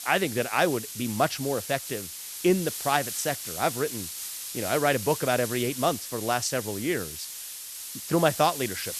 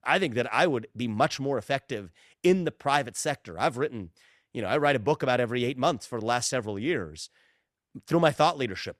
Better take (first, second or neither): second